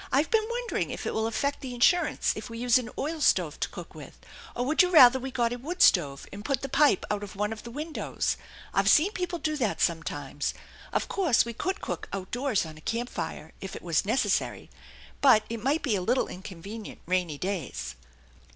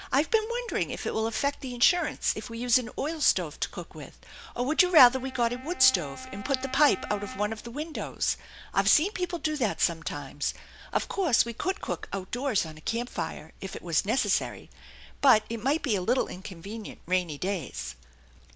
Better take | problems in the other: first | background sound (Wind instrument, woodwind instrument); 15 dB below the speech

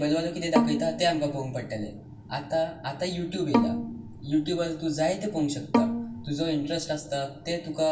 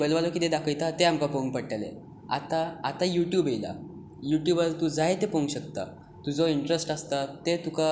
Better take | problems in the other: second | background sound (Bowed string instrument); 2 dB below the speech // room echo; dies away in 0.1 s

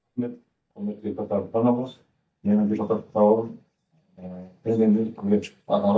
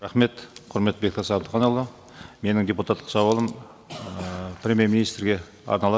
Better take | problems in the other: second | noise reduction (neural mask model DeepFilterNet 3)

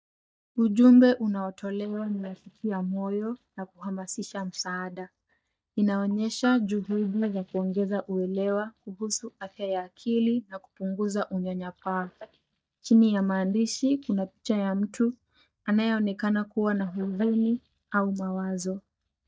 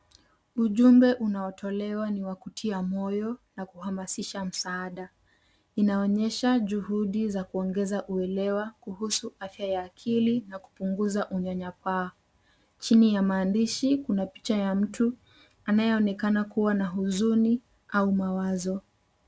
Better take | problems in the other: second | noise reduction (neural mask model DeepFilterNet 3)

